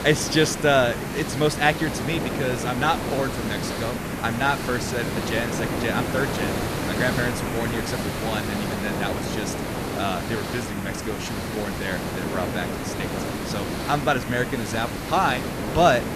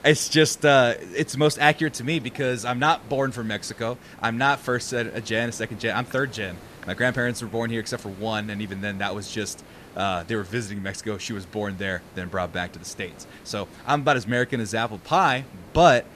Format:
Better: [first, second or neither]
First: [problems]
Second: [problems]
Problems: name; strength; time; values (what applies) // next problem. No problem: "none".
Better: second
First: hiss; loud; throughout; 2 dB below the speech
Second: hiss; faint; throughout; 20 dB below the speech